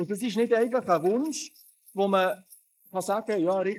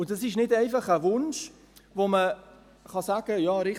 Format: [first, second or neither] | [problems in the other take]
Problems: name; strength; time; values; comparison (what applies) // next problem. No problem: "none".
second | noise reduction (neural mask model Resemble Enhance denoiser)